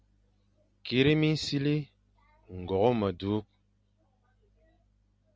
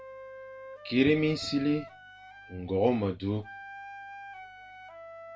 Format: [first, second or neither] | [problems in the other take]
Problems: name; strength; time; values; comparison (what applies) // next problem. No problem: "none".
first | background sound (Wind instrument, woodwind instrument); 15 dB below the speech // room echo; dies away in 0.2 s